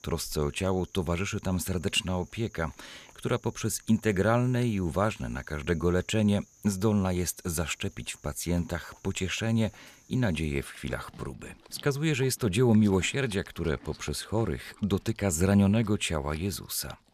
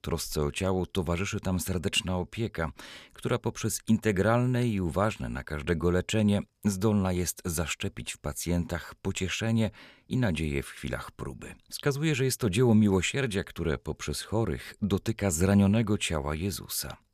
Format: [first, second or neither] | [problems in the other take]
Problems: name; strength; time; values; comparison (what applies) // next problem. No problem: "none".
second | animal sounds; faint; throughout; 25 dB below the speech